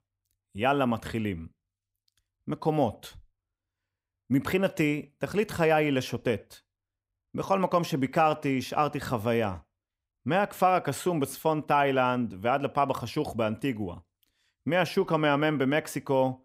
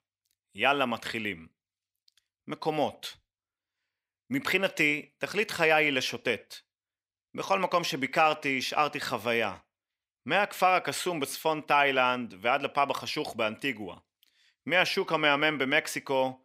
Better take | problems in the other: first | thin; very slightly; fading below 850 Hz

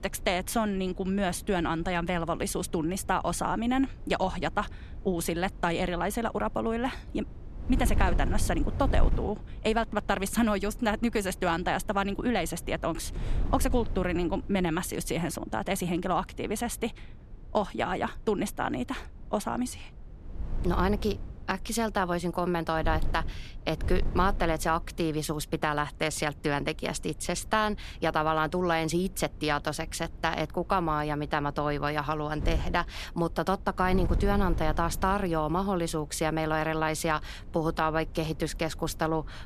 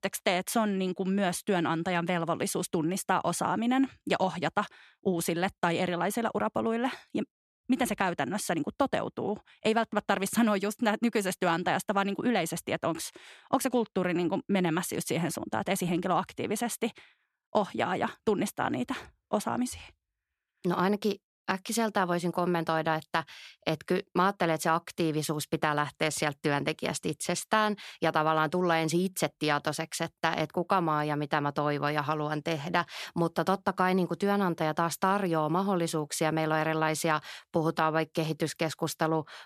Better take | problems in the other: second | wind noise on the microphone; occasional gusts; 20 dB below the speech

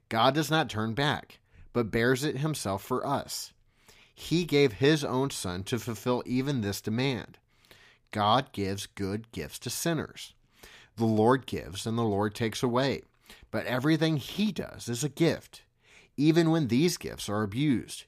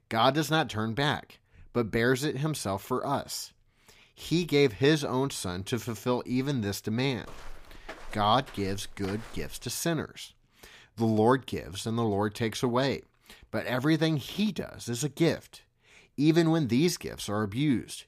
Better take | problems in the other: first | footsteps; faint; from 7 to 9.5 s; peak 15 dB below the speech

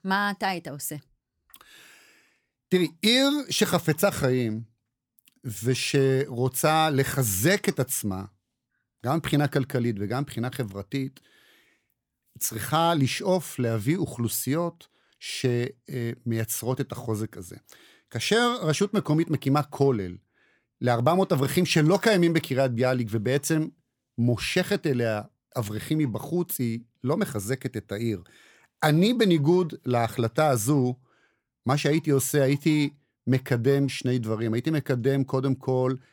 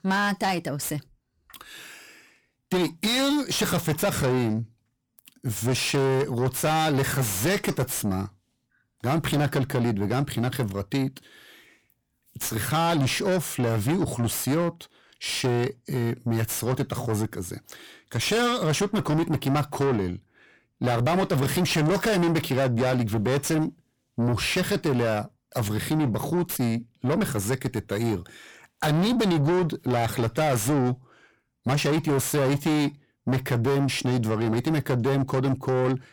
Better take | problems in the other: first | distortion; heavy; 7 dB below the speech

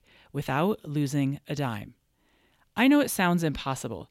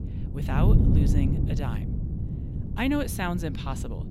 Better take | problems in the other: first | wind noise on the microphone; heavy; 5 dB below the speech

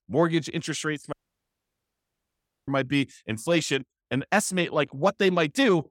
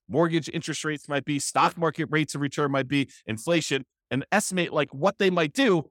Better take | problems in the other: second | audio cutting out; at 1 s for 1.5 s

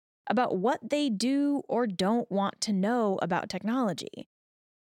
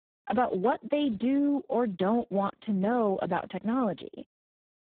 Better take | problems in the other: first | phone-call audio; poor line

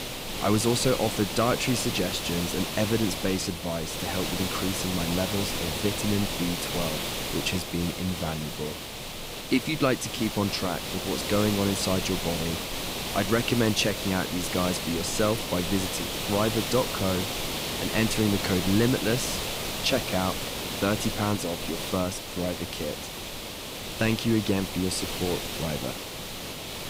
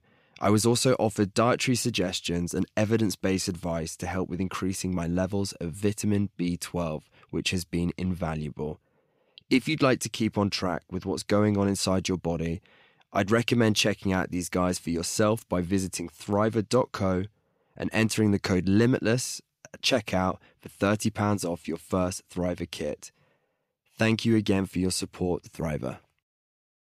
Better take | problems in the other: second | hiss; loud; throughout; 3 dB below the speech

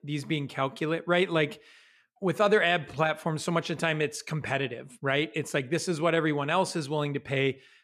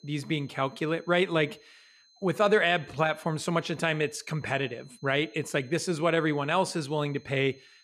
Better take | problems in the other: first | high-pitched whine; faint; throughout; 4 kHz, 30 dB below the speech

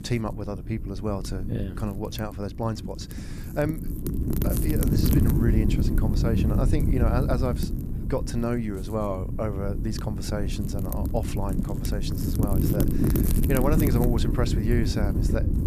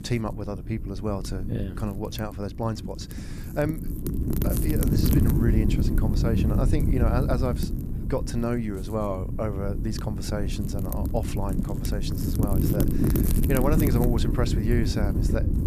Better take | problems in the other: neither | wind noise on the microphone; heavy; 3 dB below the speech; the same in both

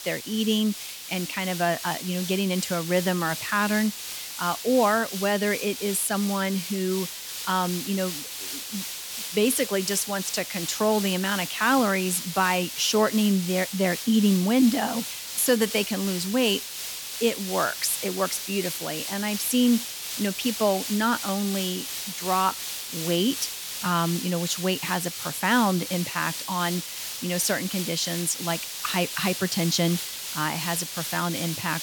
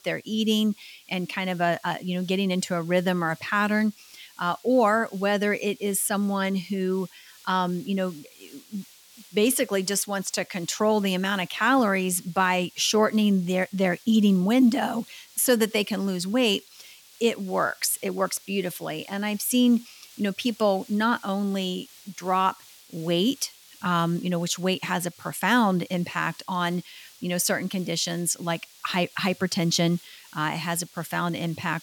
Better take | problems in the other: second | hiss; loud; throughout; 6 dB below the speech; faint in the second

